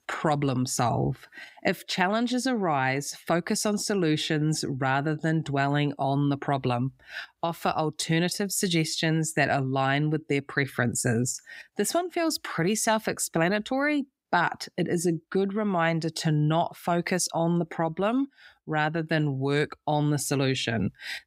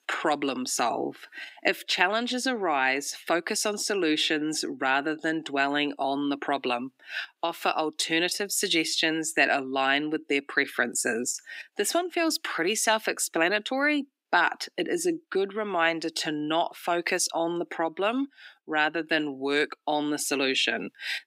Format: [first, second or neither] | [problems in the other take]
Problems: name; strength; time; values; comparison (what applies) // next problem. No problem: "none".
first | thin; somewhat; fading below 300 Hz